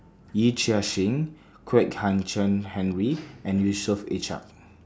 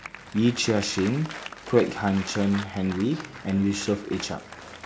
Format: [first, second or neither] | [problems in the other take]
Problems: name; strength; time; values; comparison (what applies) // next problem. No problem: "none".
first | background sound (Applause); 14 dB below the speech